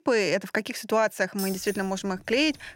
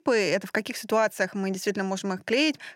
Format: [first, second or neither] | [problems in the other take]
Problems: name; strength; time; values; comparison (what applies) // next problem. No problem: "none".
second | jangling keys; noticeable; from 1.5 s on; peak 9 dB below the speech